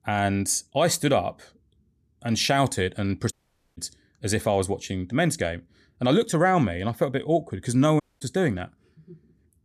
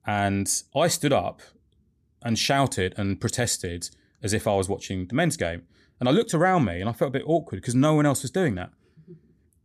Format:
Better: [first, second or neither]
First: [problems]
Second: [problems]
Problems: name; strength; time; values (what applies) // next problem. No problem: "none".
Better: second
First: audio cutting out; at 3.5 s and at 8 s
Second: none